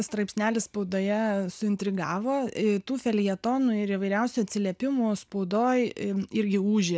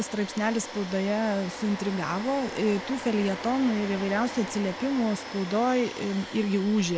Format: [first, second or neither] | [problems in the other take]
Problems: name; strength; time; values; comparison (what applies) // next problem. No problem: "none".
first | background sound (Domestic sounds, home sounds); 11 dB below the speech